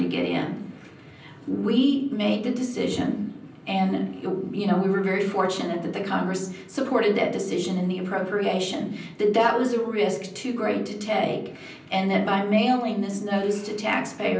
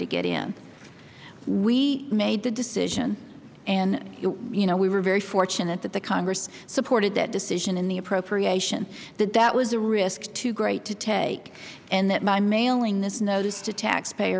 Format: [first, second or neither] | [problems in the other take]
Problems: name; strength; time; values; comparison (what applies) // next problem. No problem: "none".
second | room echo; dies away in 0.6 s